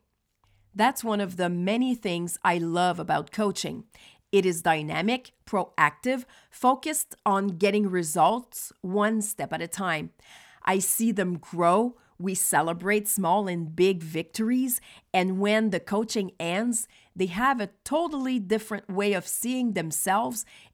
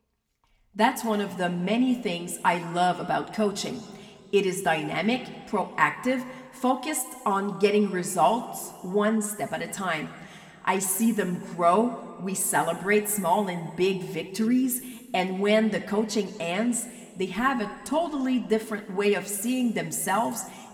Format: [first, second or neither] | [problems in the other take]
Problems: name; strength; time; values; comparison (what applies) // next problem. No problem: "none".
first | room echo; very slight; dies away in 1.5 s